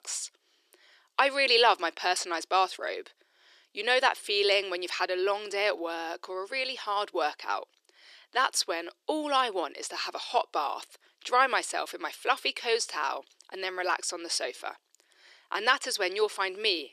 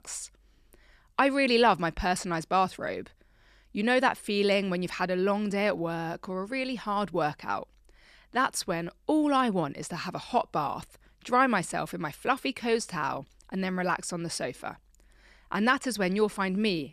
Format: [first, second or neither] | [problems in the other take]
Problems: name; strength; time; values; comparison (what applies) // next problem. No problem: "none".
second | thin; very; fading below 350 Hz